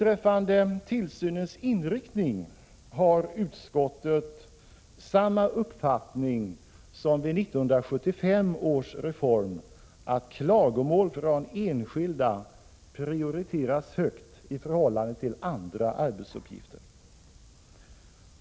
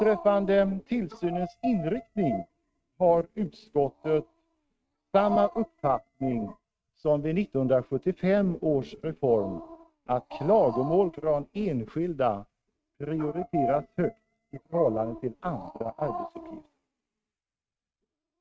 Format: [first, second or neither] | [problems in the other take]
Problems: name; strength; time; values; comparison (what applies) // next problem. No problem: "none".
first | noise reduction (neural mask model RNNoise)